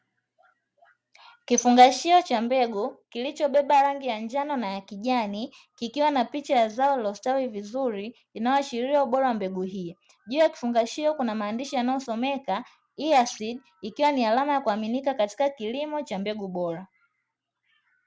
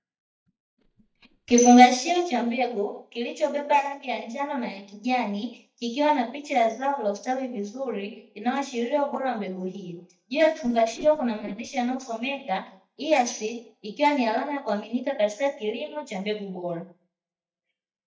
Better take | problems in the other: first | noise reduction (neural mask model DeepFilterNet 3)

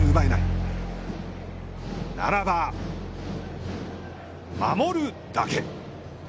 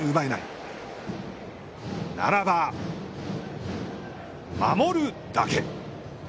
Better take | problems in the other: second | background sound (Bowed string instrument); as loud as the speech

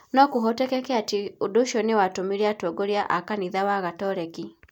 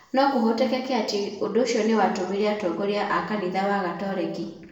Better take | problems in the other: first | room echo; dies away in 0.8 s

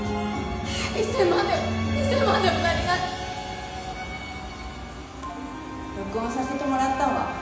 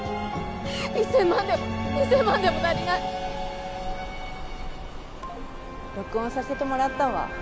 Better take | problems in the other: second | background sound (Wind instrument, woodwind instrument); 20 dB below the speech // room echo; dies away in 1 s

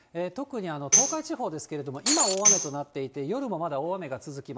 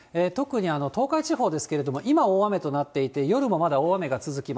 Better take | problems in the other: second | background sound (Tambourine + Shatter); 4 dB above the speech

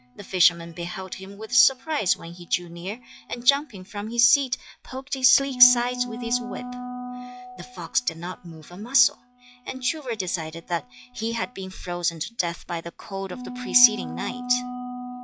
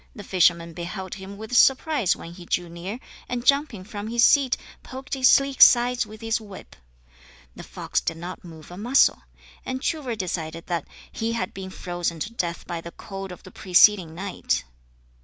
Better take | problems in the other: second | noise reduction (classical method log-MMSE)

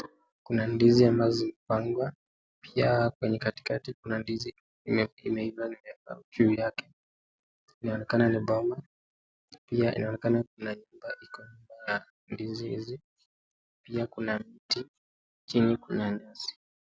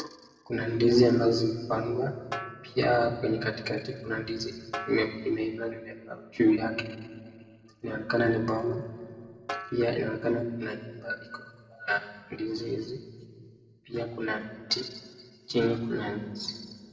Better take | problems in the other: first | background sound (Snare drum); 14 dB below the speech // room echo; dies away in 1.6 s

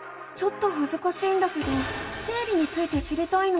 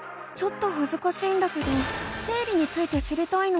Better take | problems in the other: second | room echo; dies away in 1.4 s

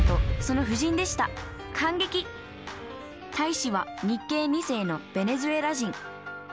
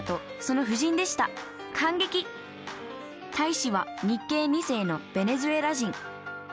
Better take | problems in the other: second | background sound (Explosion); 5 dB below the speech

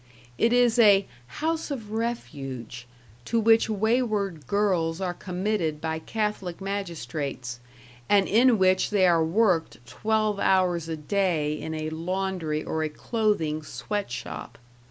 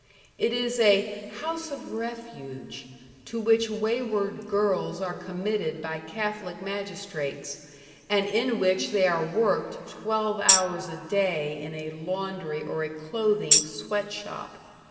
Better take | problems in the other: first | background sound (Tambourine); 2 dB above the speech // room echo; dies away in 2.5 s

